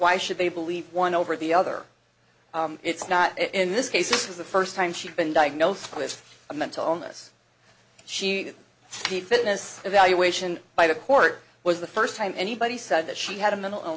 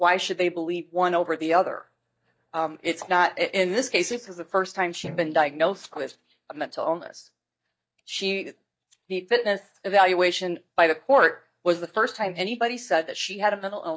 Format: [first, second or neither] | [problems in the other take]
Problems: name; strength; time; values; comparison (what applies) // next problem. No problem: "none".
first | noise reduction (neural mask model DeepFilterNet 3)